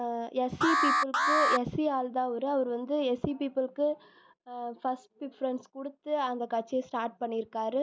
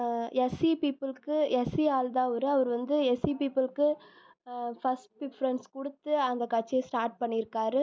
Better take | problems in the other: second | background sound (Alarm); 3 dB above the speech

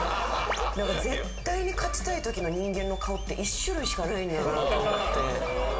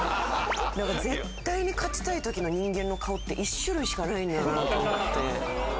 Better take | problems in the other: second | room echo; dies away in 0.6 s

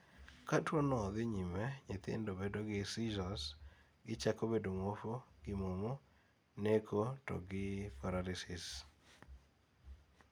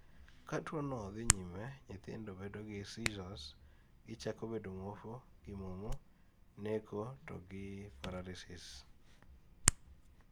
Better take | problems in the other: first | background sound (Hands); 2 dB above the speech

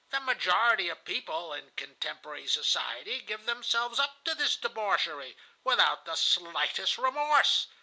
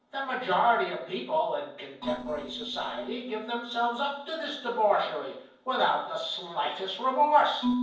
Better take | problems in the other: first | noise reduction (neural separator model SepFormer DNS4)

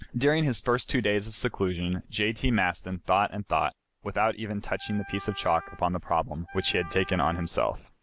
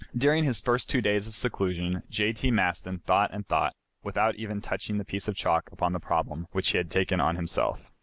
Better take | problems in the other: second | background sound (Wind instrument, woodwind instrument); 17 dB below the speech

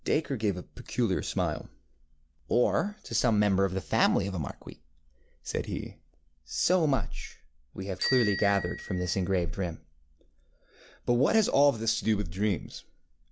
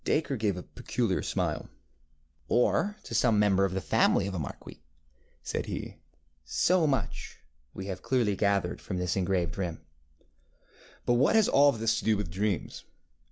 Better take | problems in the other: second | background sound (Bicycle bell); 9 dB below the speech

